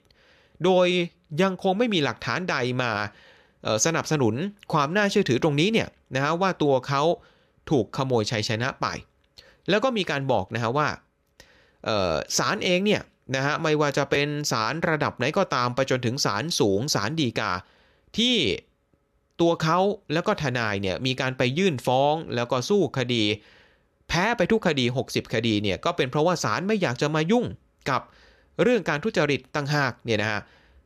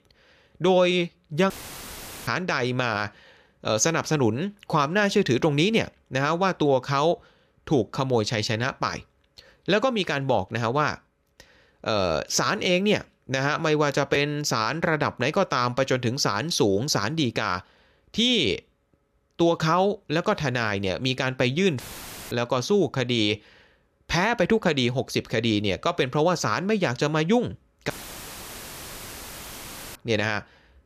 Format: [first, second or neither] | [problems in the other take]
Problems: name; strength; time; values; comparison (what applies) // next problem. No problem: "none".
first | audio cutting out; filled with static; at 1.5 s for 1 s, at 22 s for 0.5 s and at 28 s for 2 s